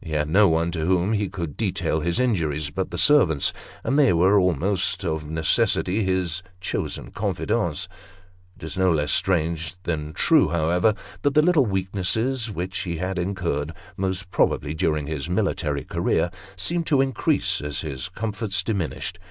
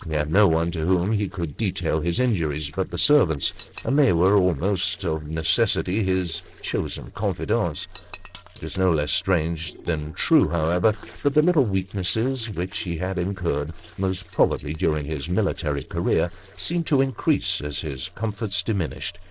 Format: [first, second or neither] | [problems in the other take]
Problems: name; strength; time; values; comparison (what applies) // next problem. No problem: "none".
first | noise reduction (neural separator model SepFormer DNS4)